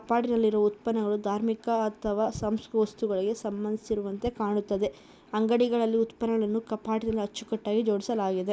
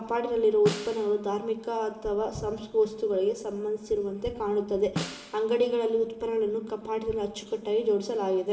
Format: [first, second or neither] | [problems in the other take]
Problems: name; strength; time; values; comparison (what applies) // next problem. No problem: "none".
first | background sound (Snare drum); 12 dB below the speech // room echo; dies away in 2.1 s